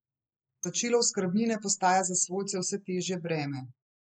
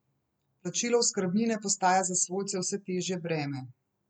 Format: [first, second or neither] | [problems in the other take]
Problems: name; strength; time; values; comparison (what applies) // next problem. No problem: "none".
second | noise reduction (neural mask model Resemble Enhance denoiser)